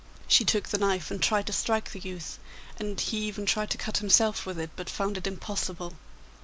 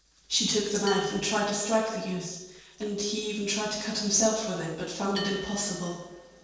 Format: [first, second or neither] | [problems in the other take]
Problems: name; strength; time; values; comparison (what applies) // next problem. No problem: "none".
first | noise reduction (neural separator model SepFormer DNS4)